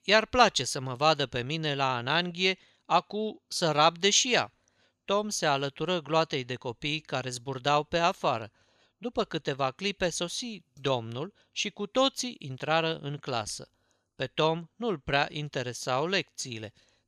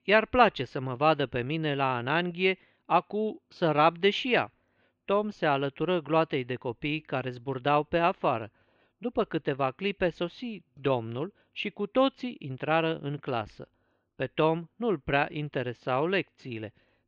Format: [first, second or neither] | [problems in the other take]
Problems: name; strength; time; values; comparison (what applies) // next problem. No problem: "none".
first | muffled; very; fading above 2.5 kHz